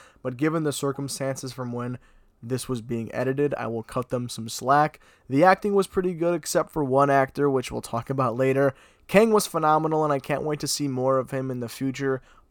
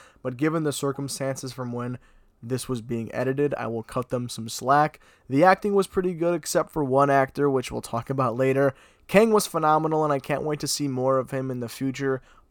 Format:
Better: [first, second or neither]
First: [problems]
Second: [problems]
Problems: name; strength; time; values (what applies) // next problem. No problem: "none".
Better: neither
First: none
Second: none